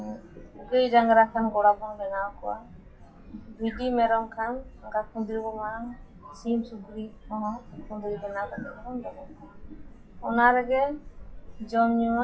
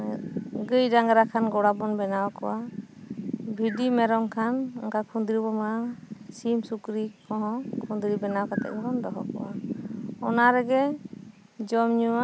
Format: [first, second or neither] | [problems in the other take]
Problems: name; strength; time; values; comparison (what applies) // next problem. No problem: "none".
second | noise reduction (classical method WPE with log-MMSE)